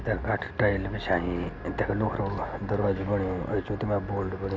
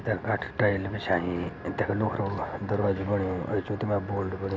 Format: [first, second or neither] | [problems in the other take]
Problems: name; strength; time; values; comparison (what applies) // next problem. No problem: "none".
second | background sound (Accelerating, revving, vroom); 13 dB below the speech